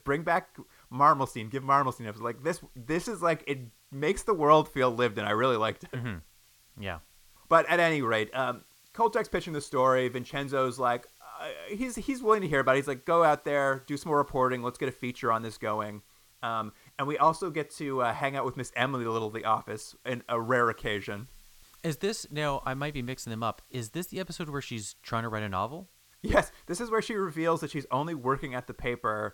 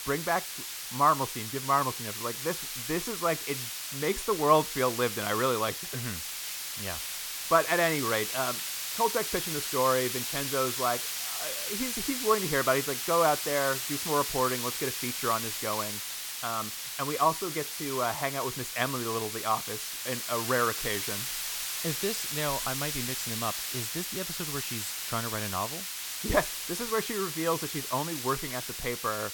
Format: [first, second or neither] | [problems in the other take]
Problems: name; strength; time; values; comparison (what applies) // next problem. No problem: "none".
first | hiss; loud; throughout; 2 dB below the speech; faint in the first